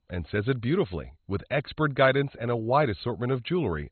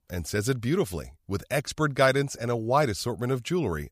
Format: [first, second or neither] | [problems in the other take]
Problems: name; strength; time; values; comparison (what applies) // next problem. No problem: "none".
second | garbled, watery; badly; nothing above 4 kHz